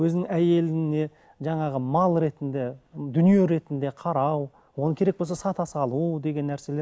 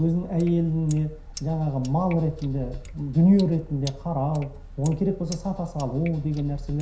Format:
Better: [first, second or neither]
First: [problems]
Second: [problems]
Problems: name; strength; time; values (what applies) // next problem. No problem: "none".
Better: first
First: none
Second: background sound (Sink (filling or washing)); 15 dB below the speech // room echo; dies away in 0.5 s